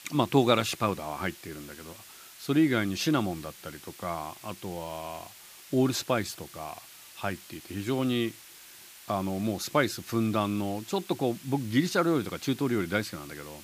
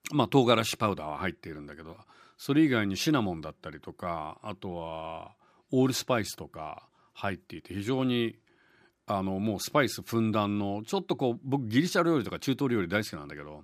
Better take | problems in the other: second | hiss; noticeable; throughout; 20 dB below the speech

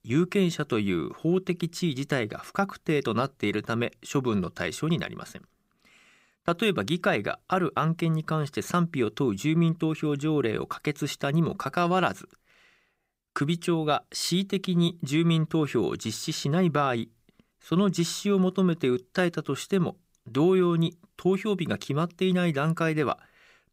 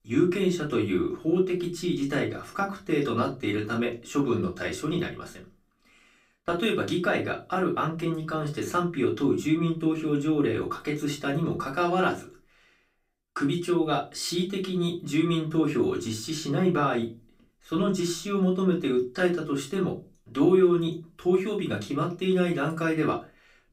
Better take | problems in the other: first | off-mic speech; far // room echo; very slight; dies away in 0.2 s

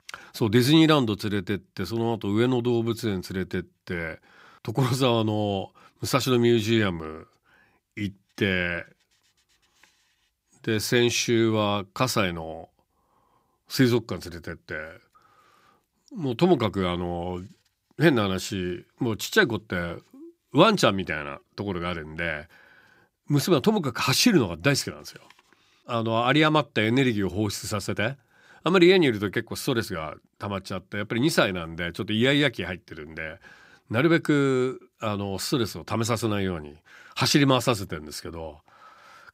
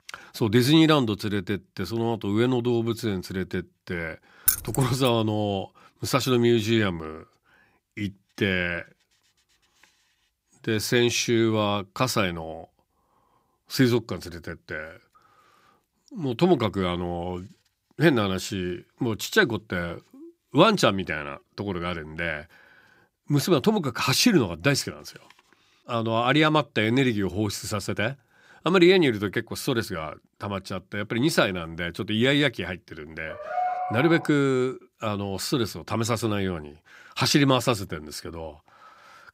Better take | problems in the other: first | jangling keys; loud; at 4.5 s; peak 2 dB above the speech // dog barking; noticeable; at 33 s; peak 3 dB below the speech

